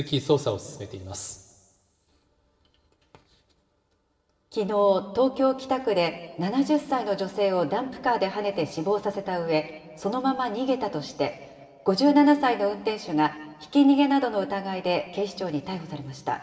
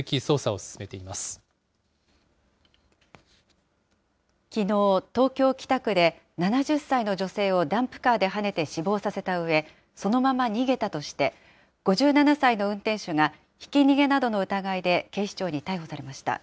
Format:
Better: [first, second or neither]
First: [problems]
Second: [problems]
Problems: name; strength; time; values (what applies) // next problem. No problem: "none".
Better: second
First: room echo; dies away in 1.6 s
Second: none